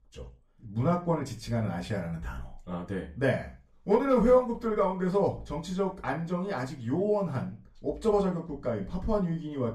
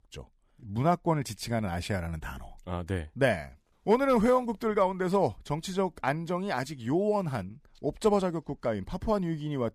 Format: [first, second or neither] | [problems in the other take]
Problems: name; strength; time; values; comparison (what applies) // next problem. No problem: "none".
second | room echo; very slight; dies away in 0.3 s // off-mic speech; far